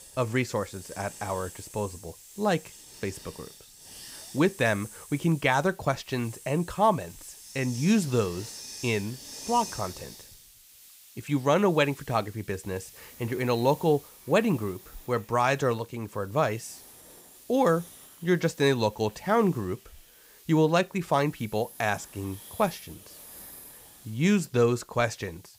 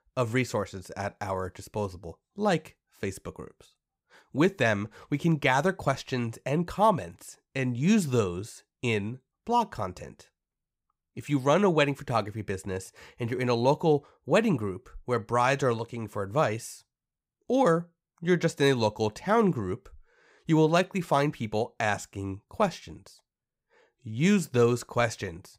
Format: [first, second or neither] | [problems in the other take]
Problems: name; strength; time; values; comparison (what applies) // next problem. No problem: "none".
second | hiss; noticeable; throughout; 15 dB below the speech